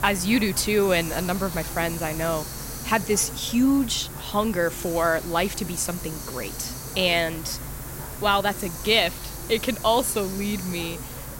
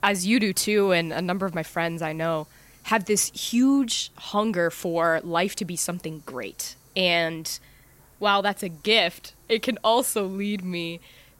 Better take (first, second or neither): second